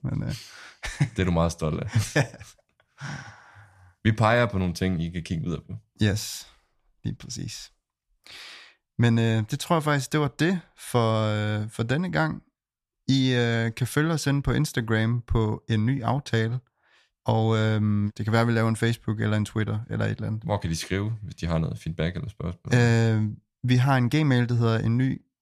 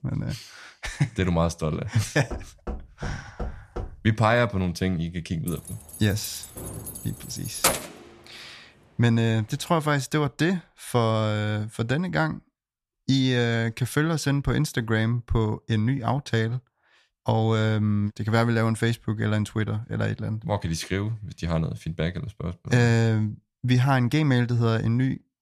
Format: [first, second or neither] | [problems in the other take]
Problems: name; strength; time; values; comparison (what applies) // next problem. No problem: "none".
first | door banging; faint; from 2.5 to 4 s; peak 10 dB below the speech // jangling keys; loud; from 5.5 to 8 s; peak 2 dB above the speech